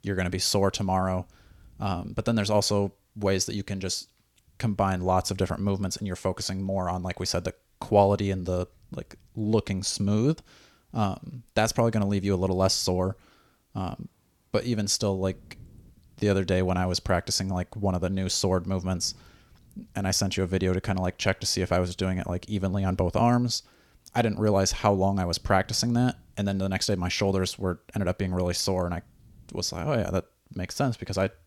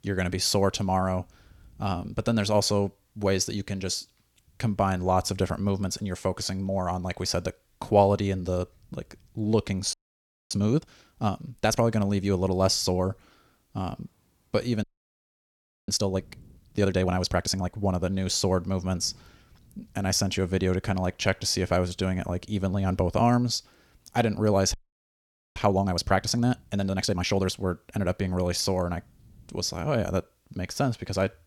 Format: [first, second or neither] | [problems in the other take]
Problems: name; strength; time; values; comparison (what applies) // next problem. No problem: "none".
first | audio freezing; at 10 s for 0.5 s, at 15 s for 1 s and at 25 s for 1 s